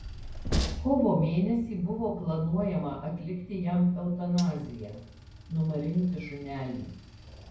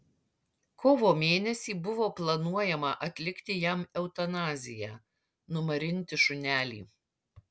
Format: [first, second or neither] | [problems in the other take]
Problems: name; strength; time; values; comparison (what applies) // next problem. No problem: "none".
second | background sound (Train); 9 dB below the speech // room echo; dies away in 0.9 s